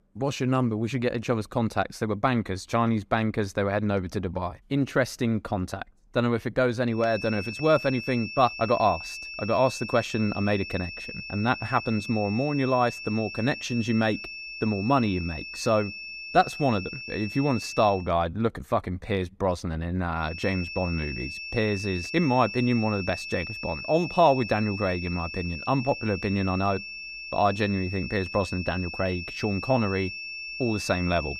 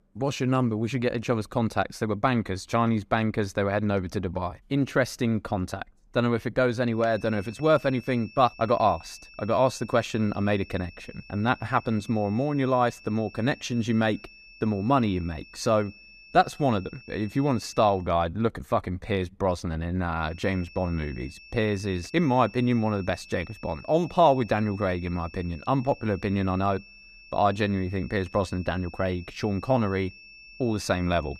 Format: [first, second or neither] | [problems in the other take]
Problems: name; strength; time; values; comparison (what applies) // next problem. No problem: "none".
second | high-pitched whine; loud; from 7 to 18 s and from 20 s on; 2.5 kHz, 9 dB below the speech; faint in the second